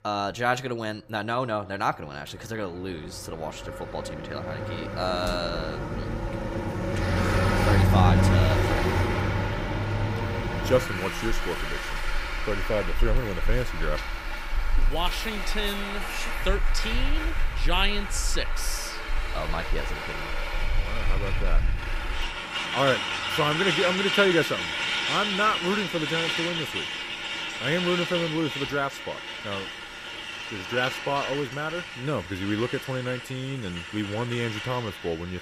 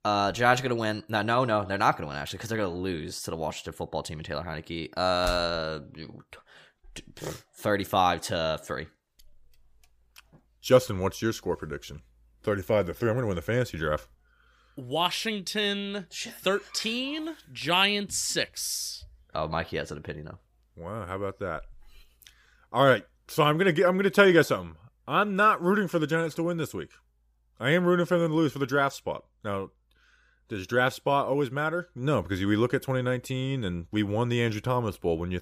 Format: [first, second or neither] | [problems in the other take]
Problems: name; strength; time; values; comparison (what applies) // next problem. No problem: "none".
second | traffic noise; very loud; throughout; 1 dB above the speech